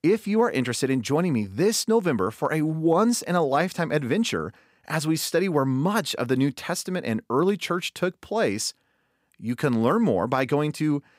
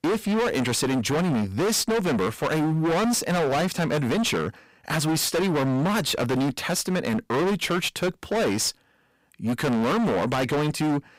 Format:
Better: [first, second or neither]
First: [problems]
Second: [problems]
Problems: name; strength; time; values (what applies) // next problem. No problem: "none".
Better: first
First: none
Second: distortion; heavy; 35% of the sound clipped